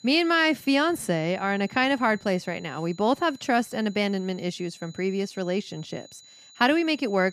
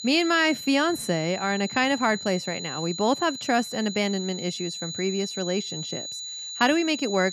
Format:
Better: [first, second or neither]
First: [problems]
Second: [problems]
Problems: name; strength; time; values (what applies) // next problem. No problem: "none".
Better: first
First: high-pitched whine; faint; throughout; 4 kHz, 25 dB below the speech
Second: high-pitched whine; loud; throughout; 4 kHz, 8 dB below the speech